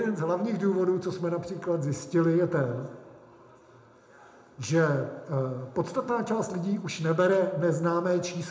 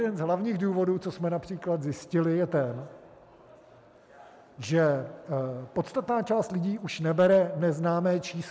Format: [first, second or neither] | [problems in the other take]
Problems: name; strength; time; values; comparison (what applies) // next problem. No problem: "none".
second | room echo; dies away in 0.6 s